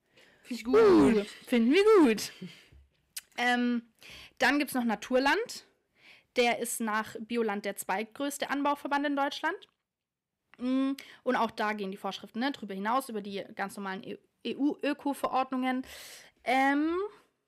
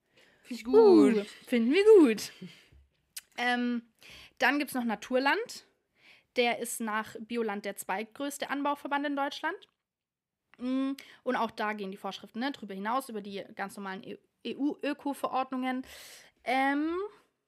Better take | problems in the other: second | distortion; slight; 2% of the sound clipped

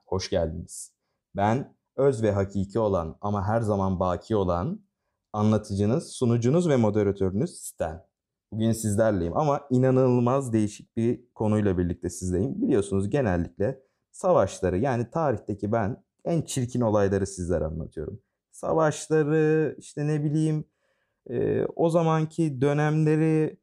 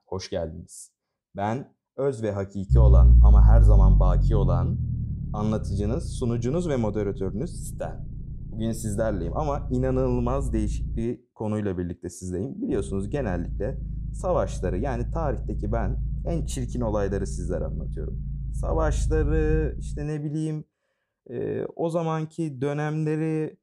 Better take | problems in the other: first | low rumble; noticeable; from 2.5 to 11 s and from 13 to 20 s; 10 dB below the speech

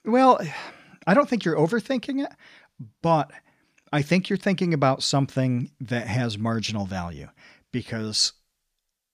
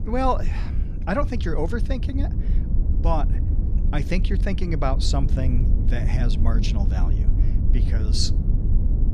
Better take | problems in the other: first | low rumble; noticeable; throughout; 10 dB below the speech

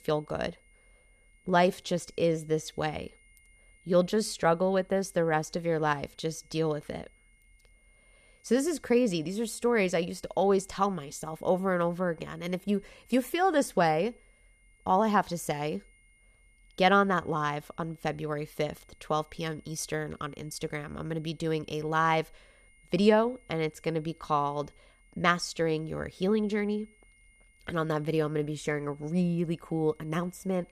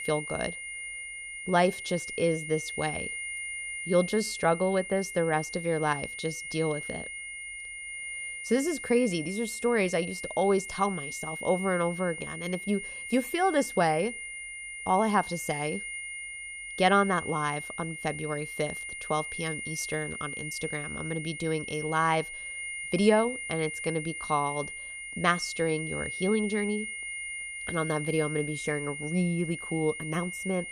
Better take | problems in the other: first | high-pitched whine; loud; throughout; 2 kHz, 7 dB below the speech; faint in the first

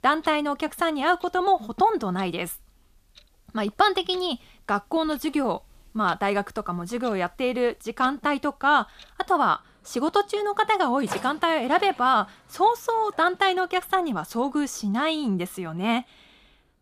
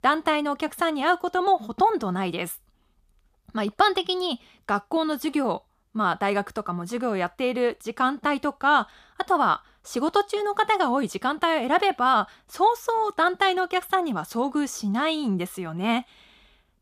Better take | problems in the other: second | household noises; faint; throughout; 20 dB below the speech

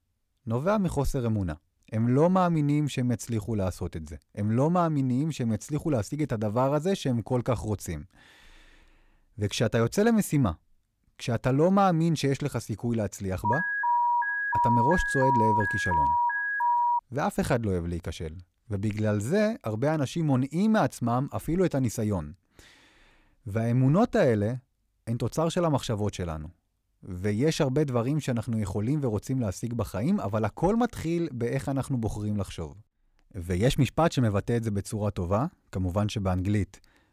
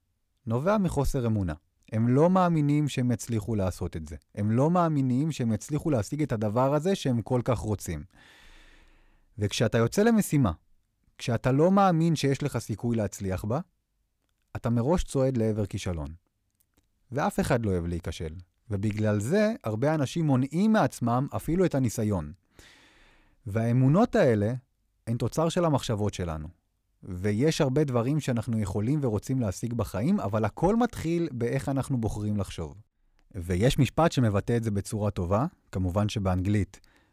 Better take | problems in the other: second | alarm; loud; from 13 to 17 s; peak 3 dB above the speech

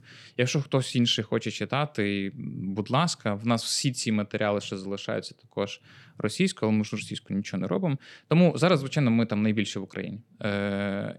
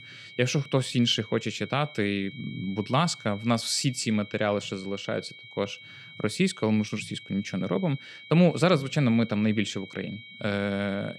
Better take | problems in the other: first | high-pitched whine; noticeable; throughout; 2 kHz, 15 dB below the speech

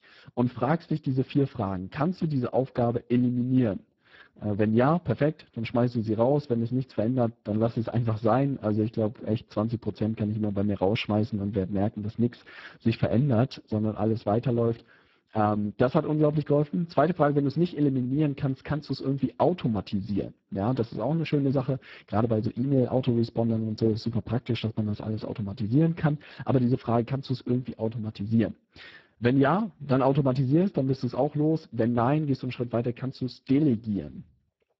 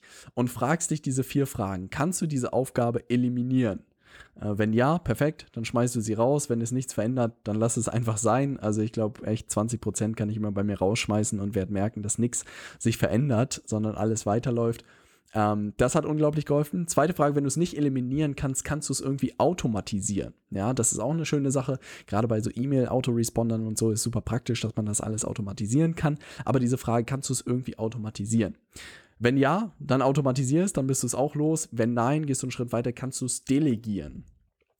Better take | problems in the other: second | garbled, watery; badly

